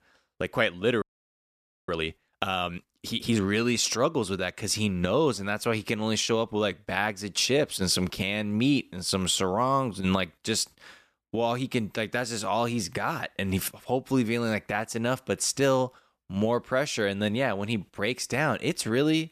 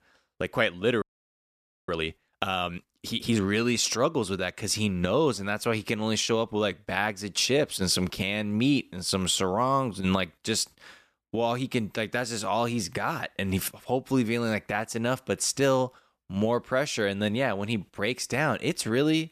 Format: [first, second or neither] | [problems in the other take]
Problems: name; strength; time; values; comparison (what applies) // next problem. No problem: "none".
neither | audio freezing; at 1 s for 1 s; the same in both